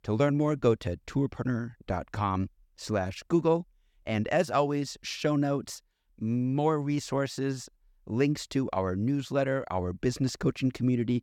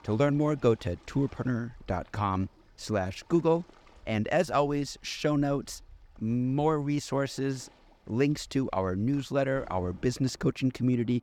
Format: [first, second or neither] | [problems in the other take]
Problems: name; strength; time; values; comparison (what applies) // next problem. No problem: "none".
first | rain or running water; faint; throughout; 30 dB below the speech